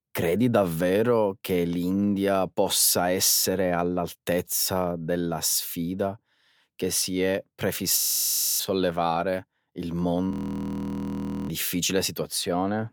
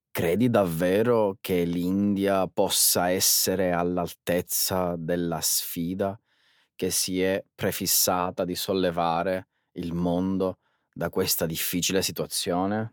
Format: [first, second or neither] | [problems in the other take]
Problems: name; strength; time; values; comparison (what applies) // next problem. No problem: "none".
second | audio freezing; at 8 s for 0.5 s and at 10 s for 1 s